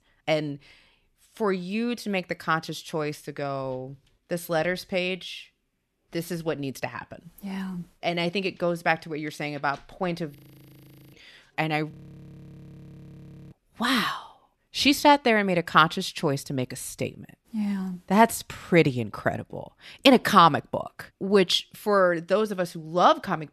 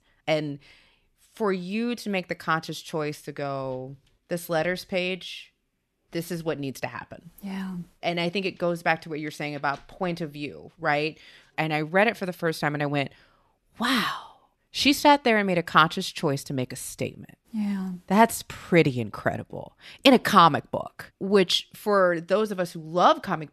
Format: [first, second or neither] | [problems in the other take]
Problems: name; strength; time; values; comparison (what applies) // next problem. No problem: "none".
second | audio freezing; at 10 s for 1 s and at 12 s for 1.5 s